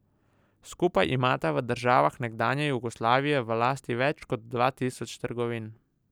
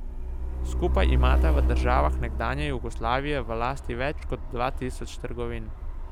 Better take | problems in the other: first | background sound (Truck); 4 dB above the speech

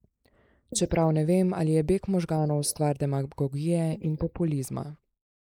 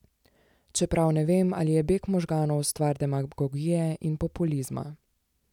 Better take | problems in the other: second | noise reduction (neural mask model Resemble Enhance denoiser)

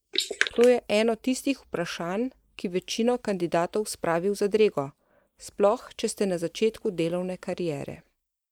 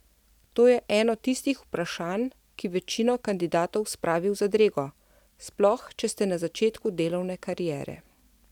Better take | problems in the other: second | noise reduction (neural mask model Resemble Enhance denoiser)

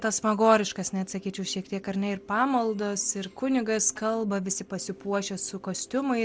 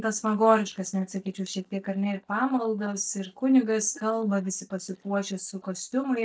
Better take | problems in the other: first | noise reduction (neural mask model DeepFilterNet 3)

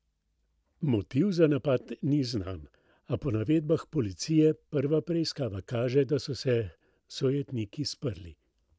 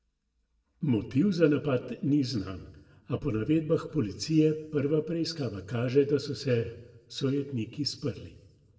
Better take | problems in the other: first | room echo; dies away in 0.7 s

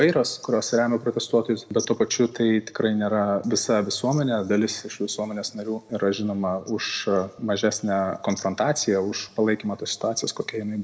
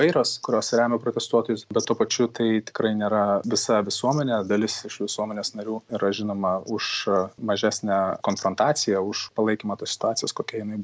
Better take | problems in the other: second | room echo; dies away in 1 s

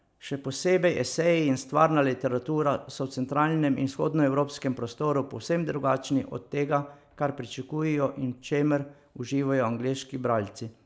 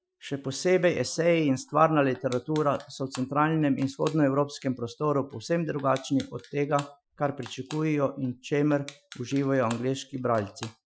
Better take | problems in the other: first | noise reduction (classical method Wiener filter)

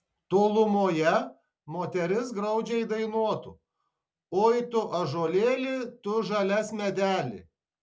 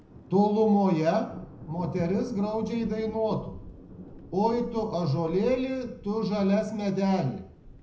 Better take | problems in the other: first | background sound (Thunder); 17 dB below the speech // room echo; dies away in 0.4 s

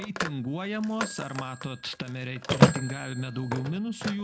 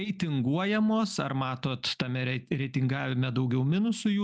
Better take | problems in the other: second | background sound (Telephone); 2 dB above the speech

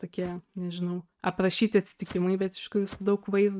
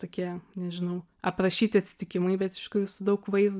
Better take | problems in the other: second | noise reduction (neural mask model RNNoise)

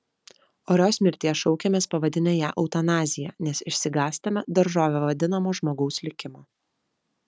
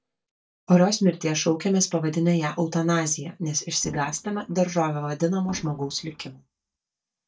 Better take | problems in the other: first | noise reduction (neural mask model DeepFilterNet 3)

